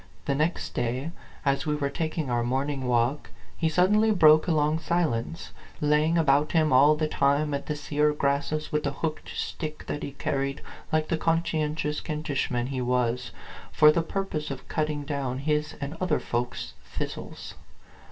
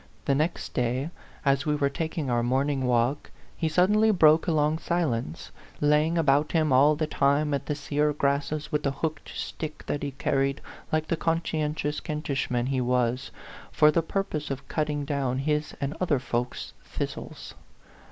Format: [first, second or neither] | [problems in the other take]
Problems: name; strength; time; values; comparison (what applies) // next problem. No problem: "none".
second | room echo; dies away in 0.2 s